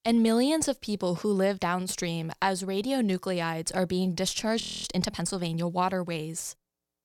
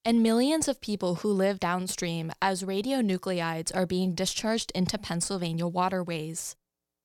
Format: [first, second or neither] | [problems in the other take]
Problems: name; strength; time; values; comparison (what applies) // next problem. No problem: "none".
second | audio freezing; at 4.5 s